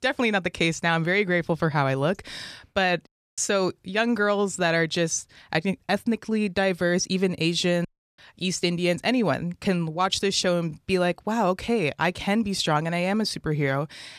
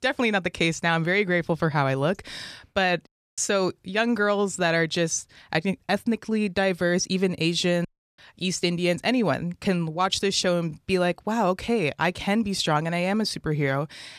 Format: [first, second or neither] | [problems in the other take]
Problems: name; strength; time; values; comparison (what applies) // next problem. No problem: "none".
neither | audio cutting out; at 3 s and at 8 s; the same in both